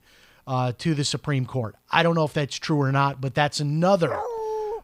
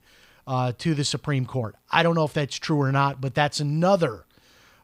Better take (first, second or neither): second